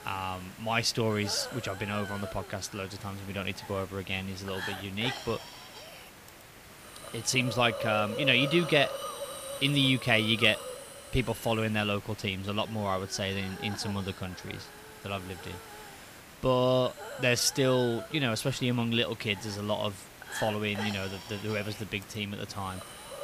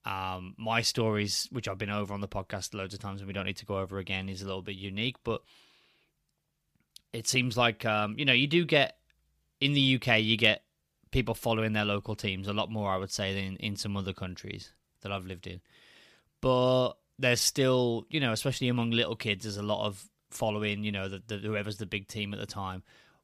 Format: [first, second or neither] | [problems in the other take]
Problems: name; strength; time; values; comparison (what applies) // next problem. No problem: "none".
second | hiss; noticeable; throughout; 10 dB below the speech